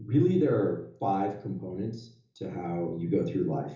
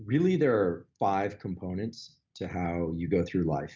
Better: second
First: room echo; dies away in 0.6 s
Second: none

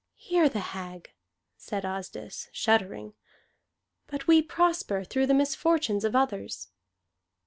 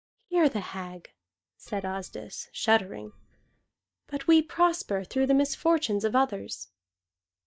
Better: first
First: none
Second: noise reduction (neural mask model DeepFilterNet 3)

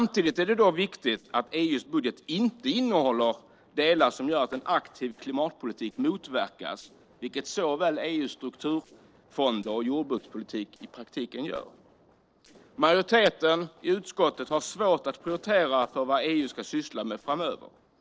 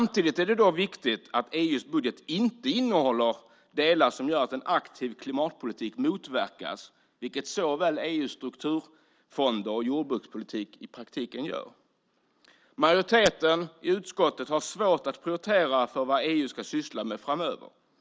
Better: second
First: noise reduction (neural separator model SepFormer DNS4)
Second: none

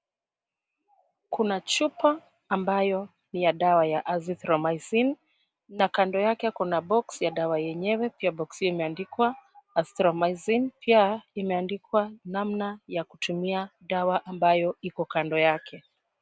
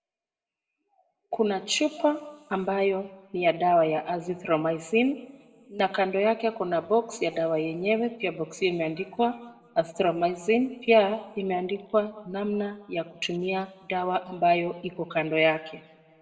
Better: first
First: none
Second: room echo; dies away in 1 s

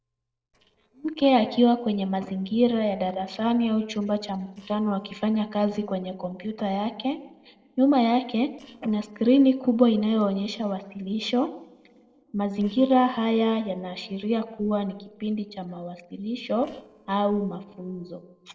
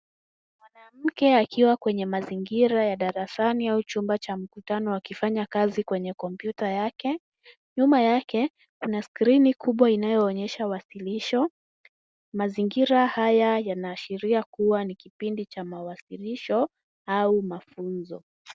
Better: second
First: noise reduction (neural separator model SepFormer DNS4)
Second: none

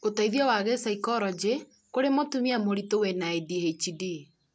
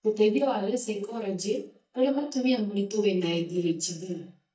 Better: first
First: none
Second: noise reduction (neural mask model DeepFilterNet 3)

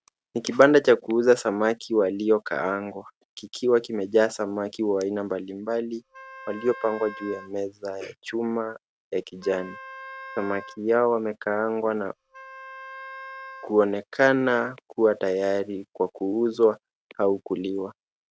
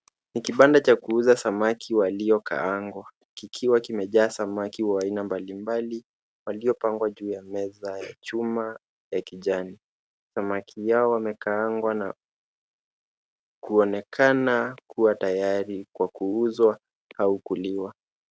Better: second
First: background sound (Wind instrument, woodwind instrument); 16 dB below the speech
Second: none

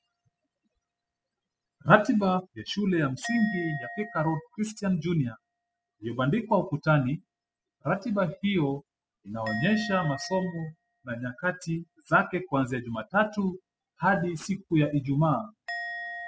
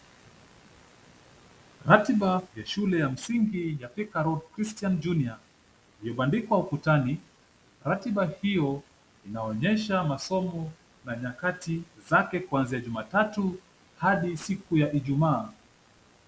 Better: second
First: noise reduction (classical method spectral subtraction)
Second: none

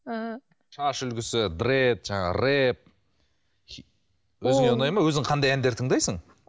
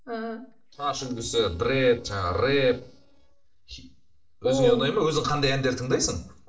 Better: first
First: none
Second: noise reduction (neural separator model SepFormer DNS4)

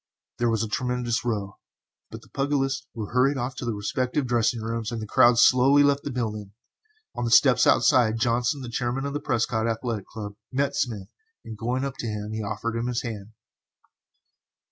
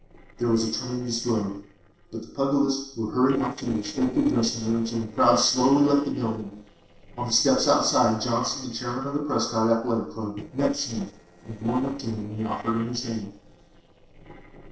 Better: first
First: none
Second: noise reduction (neural separator model SepFormer DNS4)

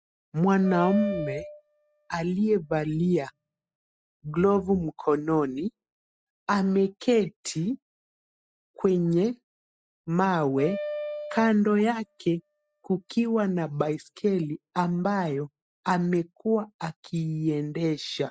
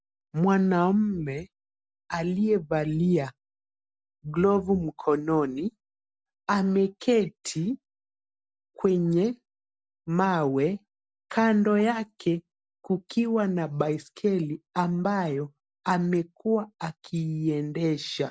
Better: second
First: noise reduction (classical method spectral subtraction)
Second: none

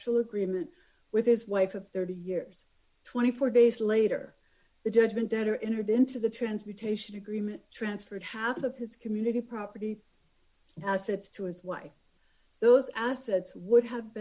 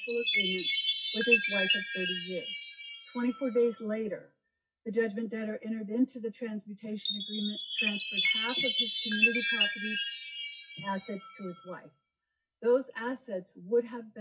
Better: first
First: none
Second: noise reduction (classical method WPE with log-MMSE)

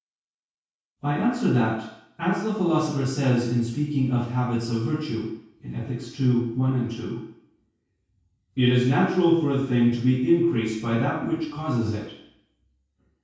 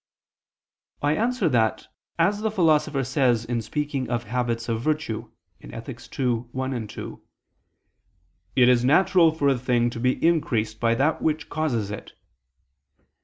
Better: second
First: room echo; dies away in 0.6 s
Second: none

